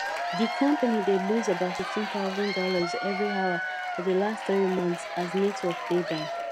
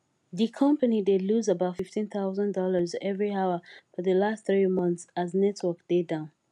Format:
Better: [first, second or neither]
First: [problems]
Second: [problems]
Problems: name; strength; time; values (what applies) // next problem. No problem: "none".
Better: second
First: background sound (Applause / Crowd / Cheering); 5 dB below the speech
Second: none